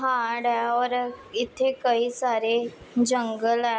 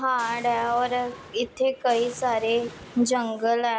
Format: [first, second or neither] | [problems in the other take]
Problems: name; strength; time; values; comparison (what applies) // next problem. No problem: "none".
first | background sound (Boom); 19 dB below the speech